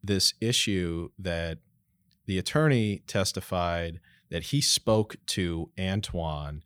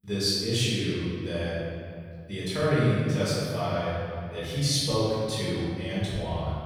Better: first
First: none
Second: off-mic speech; far // room echo; strong; dies away in 2.2 s

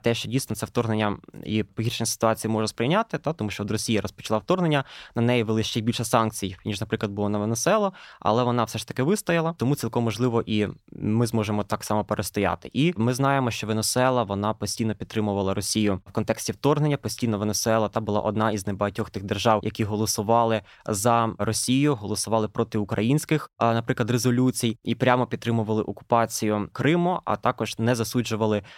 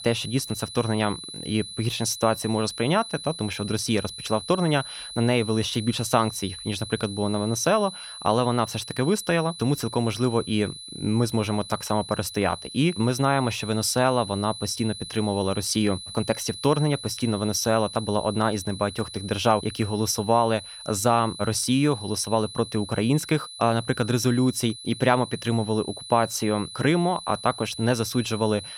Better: first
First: none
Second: high-pitched whine; noticeable; throughout; 4 kHz, 10 dB below the speech

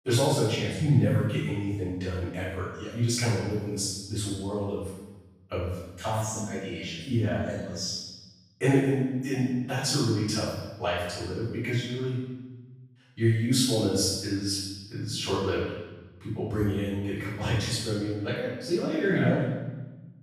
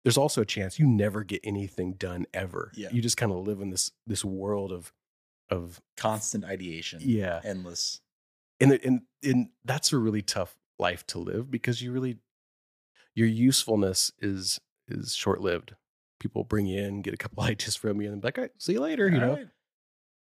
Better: second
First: room echo; strong; dies away in 1.1 s // off-mic speech; far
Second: none

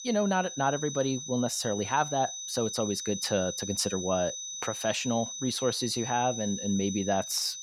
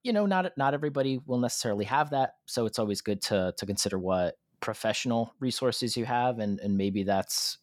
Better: second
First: high-pitched whine; loud; throughout; 6 kHz, 6 dB below the speech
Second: none

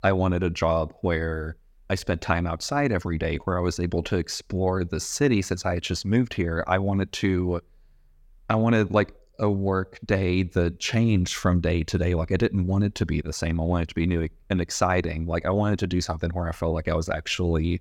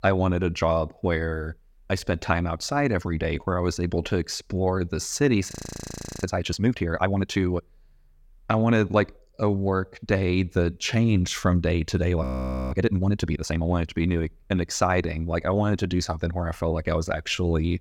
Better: first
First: none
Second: audio freezing; at 5.5 s for 0.5 s and at 12 s

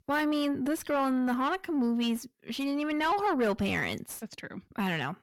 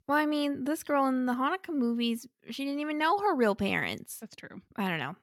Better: second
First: distortion; slight; 9 dB below the speech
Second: none

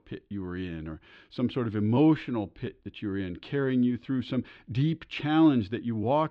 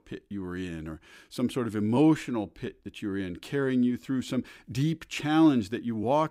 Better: second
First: muffled; slightly; fading above 3.5 kHz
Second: none

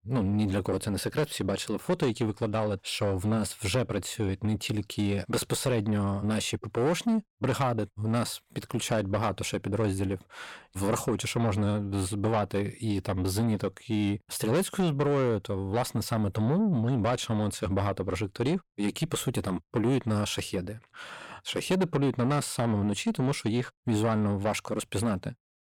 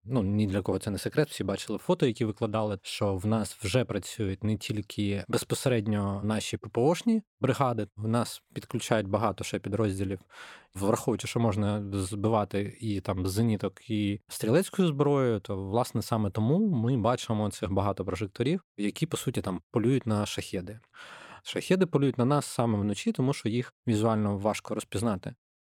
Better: second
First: distortion; slight; 10 dB below the speech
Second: none

